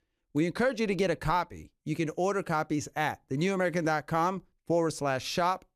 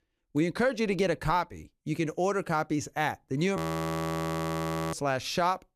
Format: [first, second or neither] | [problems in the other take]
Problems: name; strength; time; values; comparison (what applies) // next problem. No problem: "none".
first | audio freezing; at 3.5 s for 1.5 s